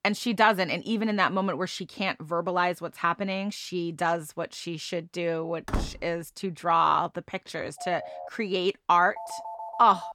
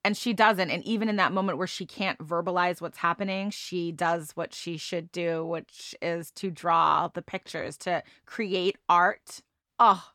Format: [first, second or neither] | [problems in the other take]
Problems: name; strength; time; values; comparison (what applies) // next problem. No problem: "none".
second | door banging; noticeable; at 5.5 s; peak 6 dB below the speech // phone ringing; faint; at 8 s and at 9 s; peak 10 dB below the speech